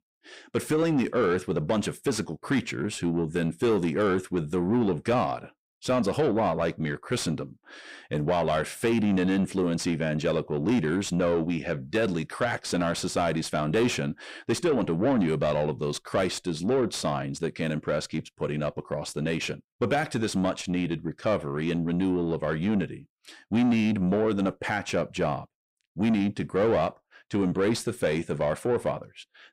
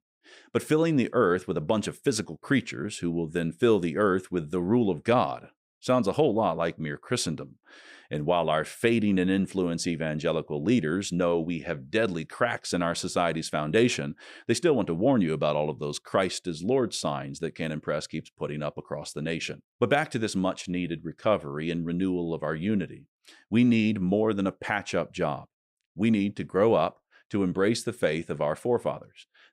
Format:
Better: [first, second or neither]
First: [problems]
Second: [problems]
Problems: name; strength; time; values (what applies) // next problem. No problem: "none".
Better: second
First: distortion; slight; 10 dB below the speech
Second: none